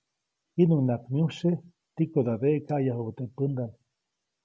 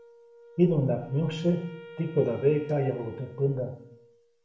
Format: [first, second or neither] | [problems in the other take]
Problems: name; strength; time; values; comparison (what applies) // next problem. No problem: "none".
first | background sound (Wind instrument, woodwind instrument); 19 dB below the speech // room echo; dies away in 0.6 s